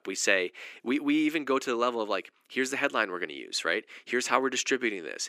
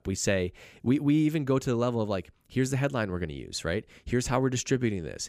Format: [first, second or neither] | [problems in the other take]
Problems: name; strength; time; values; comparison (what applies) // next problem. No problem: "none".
second | thin; somewhat; fading below 300 Hz